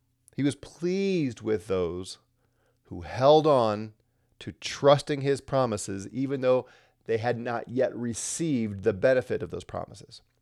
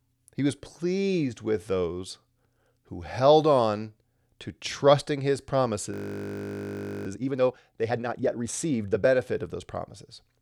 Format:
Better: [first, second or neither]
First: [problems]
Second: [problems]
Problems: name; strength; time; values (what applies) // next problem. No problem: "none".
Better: first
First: none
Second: audio freezing; at 6 s for 1 s